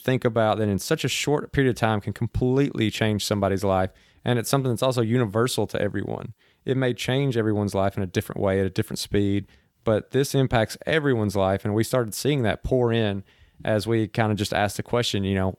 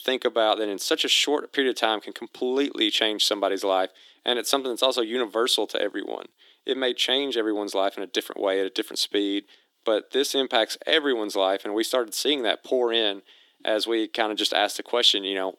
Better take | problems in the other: first | thin; somewhat; fading below 300 Hz

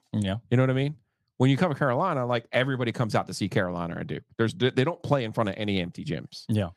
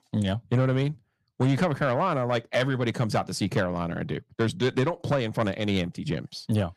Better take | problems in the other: first | distortion; slight; 10 dB below the speech

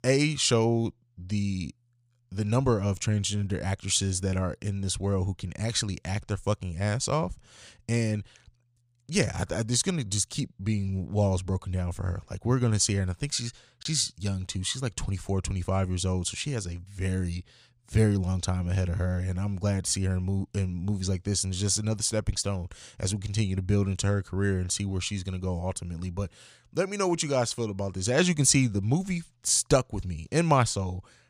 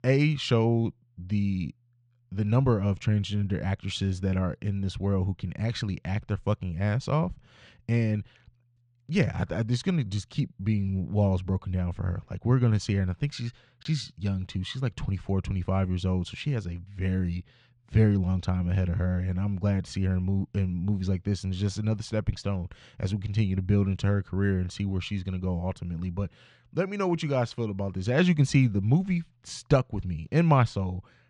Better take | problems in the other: first | muffled; slightly; fading above 3 kHz

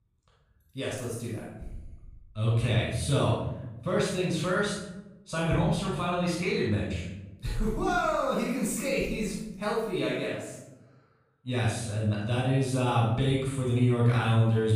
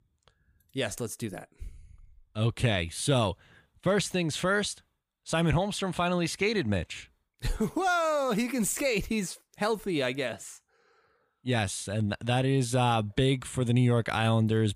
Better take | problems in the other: second | off-mic speech; far // room echo; strong; dies away in 0.9 s

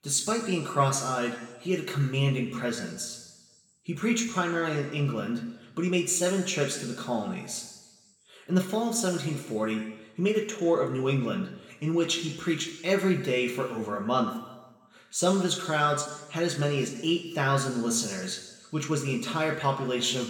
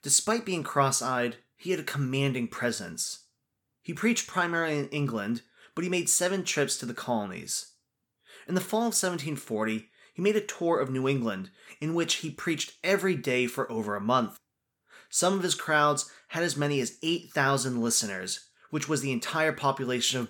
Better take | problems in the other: second | room echo; slight; dies away in 1.2 s // off-mic speech; somewhat distant

